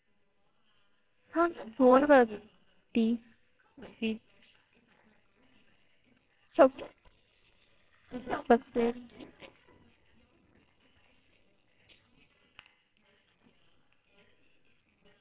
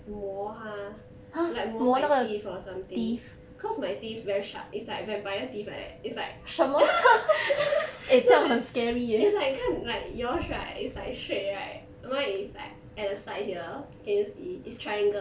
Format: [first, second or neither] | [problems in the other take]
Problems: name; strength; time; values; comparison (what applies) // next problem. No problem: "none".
second | noise reduction (neural separator model SepFormer WHAMR!)